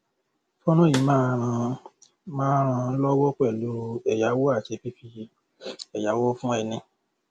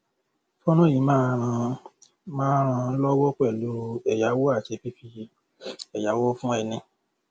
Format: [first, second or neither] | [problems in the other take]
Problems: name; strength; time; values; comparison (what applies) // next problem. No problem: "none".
second | background sound (Snare drum); 11 dB below the speech